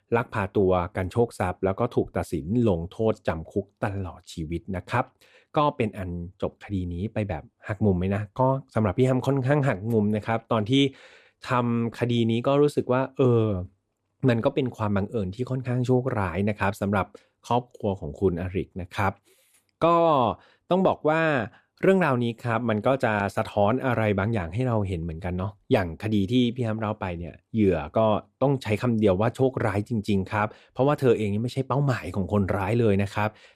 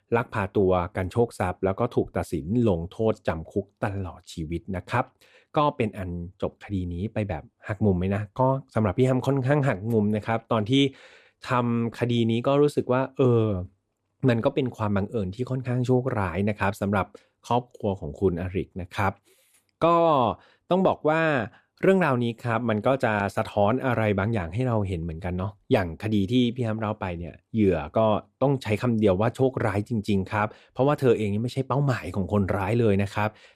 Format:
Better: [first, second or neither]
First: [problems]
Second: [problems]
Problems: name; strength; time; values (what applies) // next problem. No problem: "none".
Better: neither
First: none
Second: none